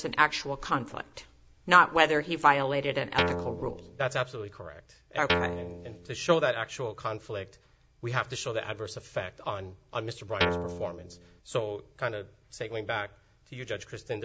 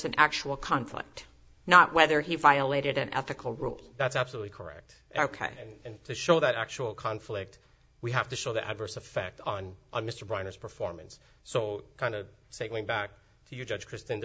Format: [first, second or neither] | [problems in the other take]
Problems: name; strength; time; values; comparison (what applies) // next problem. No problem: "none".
second | background sound (Guitar); 1 dB below the speech